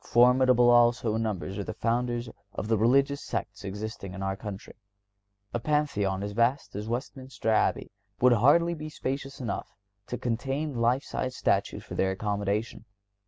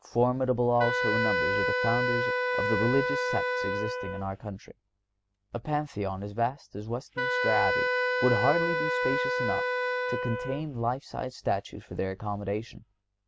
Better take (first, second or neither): first